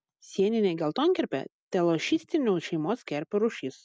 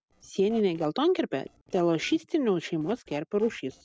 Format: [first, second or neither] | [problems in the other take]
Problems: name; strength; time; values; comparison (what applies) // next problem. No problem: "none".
first | noise reduction (neural separator model SepFormer DNS4)